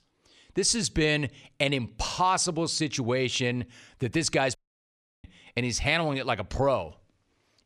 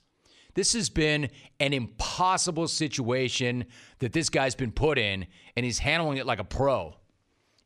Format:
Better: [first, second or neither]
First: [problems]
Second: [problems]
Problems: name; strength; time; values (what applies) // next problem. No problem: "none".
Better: second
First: audio cutting out; at 4.5 s for 0.5 s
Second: none